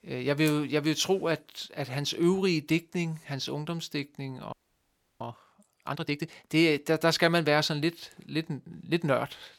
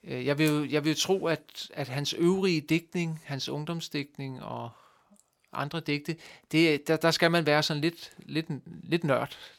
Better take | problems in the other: second | audio freezing; at 4.5 s for 0.5 s

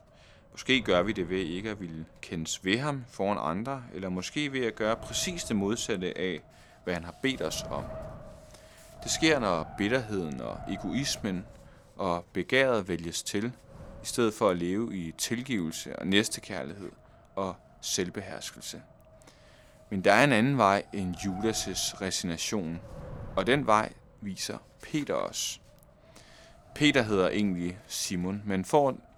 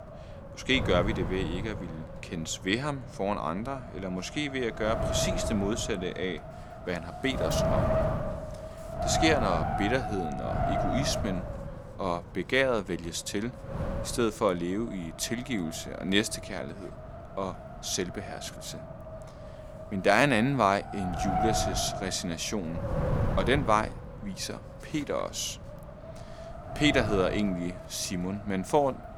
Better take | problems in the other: first | wind noise on the microphone; heavy; 5 dB below the speech; occasional gusts in the first

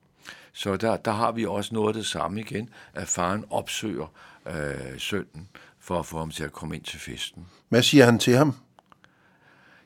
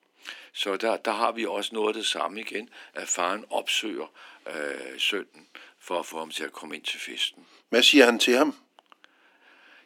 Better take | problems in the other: first | thin; very slightly; fading below 250 Hz

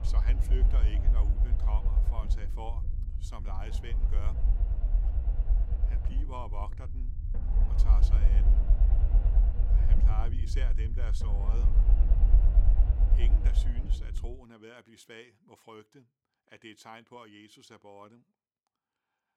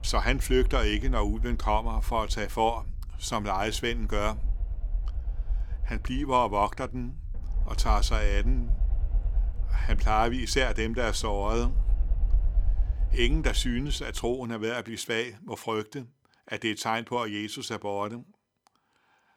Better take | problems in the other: second | low rumble; loud; until 14 s; 2 dB below the speech; faint in the second

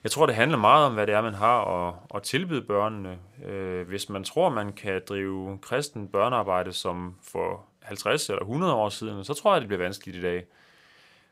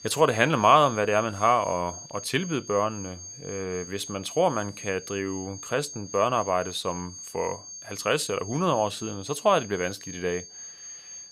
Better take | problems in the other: first | high-pitched whine; noticeable; throughout; 6.5 kHz, 15 dB below the speech

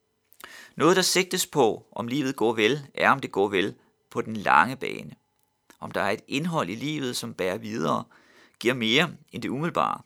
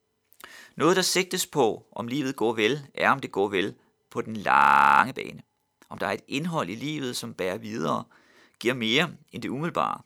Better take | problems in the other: first | audio freezing; at 4.5 s

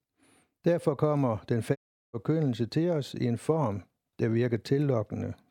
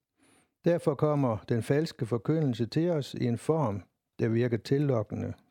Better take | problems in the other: second | audio cutting out; at 2 s

